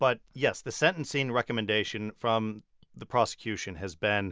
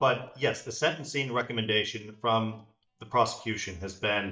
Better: first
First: none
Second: noise reduction (neural mask model DeepFilterNet 3)

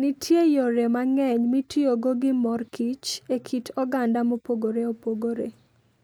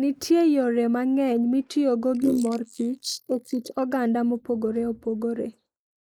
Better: first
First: none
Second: noise reduction (neural mask model Resemble Enhance denoiser)

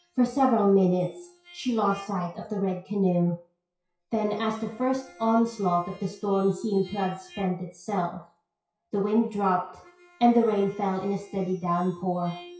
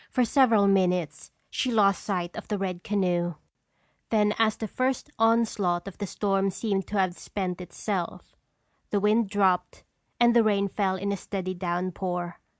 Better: second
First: noise reduction (classical method WPE with log-MMSE)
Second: none

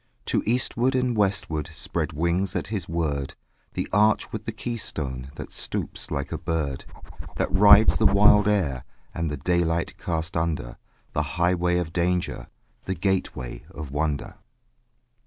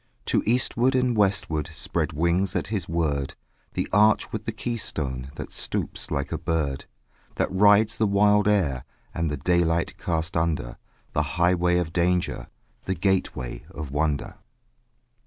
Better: second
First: background sound (Dog); 4 dB above the speech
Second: none

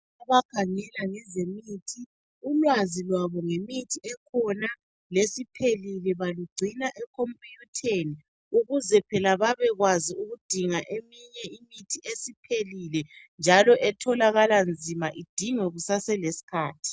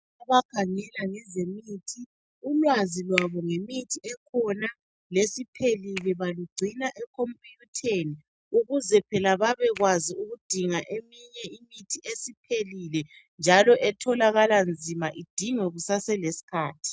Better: first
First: none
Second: noise reduction (neural mask model RNNoise)

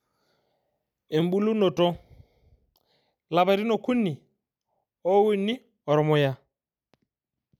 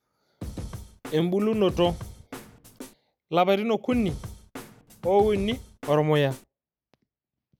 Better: first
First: none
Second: background sound (Snare drum / Drum kit); 12 dB below the speech

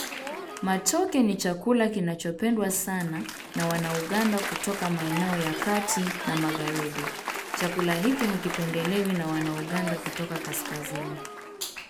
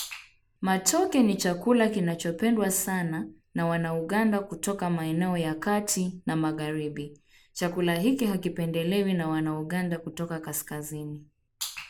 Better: second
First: background sound (Applause); 7 dB below the speech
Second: none

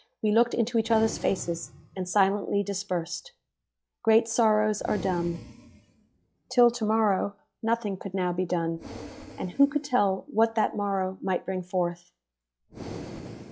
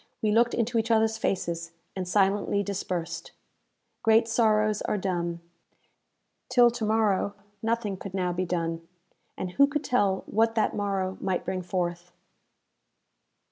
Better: second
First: noise reduction (classical method log-MMSE)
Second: none

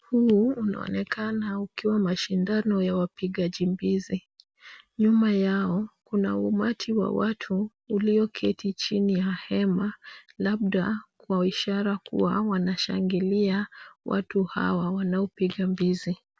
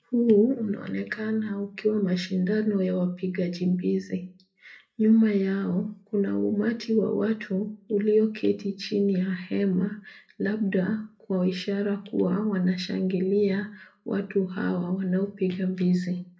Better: first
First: none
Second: room echo; dies away in 0.3 s

